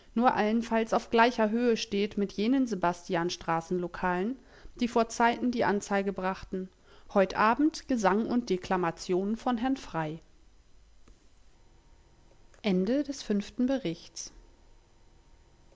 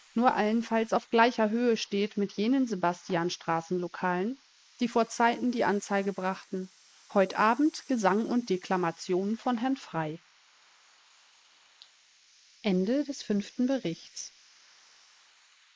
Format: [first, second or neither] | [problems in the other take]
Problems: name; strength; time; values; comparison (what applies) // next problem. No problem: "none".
first | noise reduction (neural mask model Resemble Enhance denoiser)